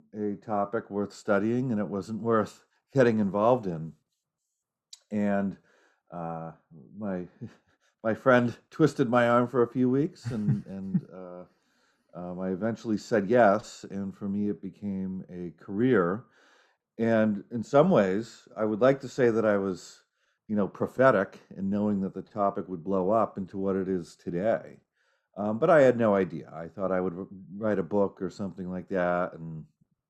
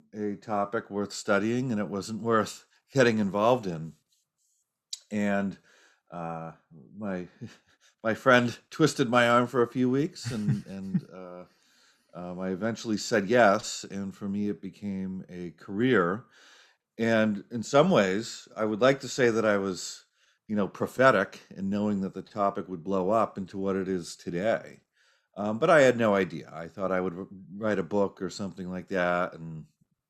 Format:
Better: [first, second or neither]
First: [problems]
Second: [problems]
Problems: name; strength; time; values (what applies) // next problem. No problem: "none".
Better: second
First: muffled; slightly; fading above 1.5 kHz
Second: none